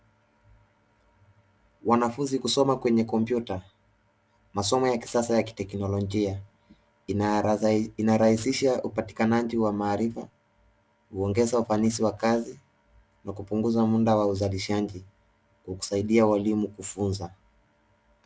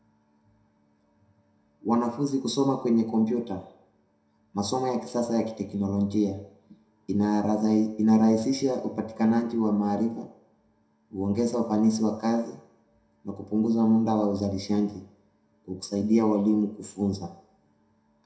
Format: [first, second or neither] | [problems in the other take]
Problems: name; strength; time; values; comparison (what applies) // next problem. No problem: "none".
first | room echo; dies away in 0.6 s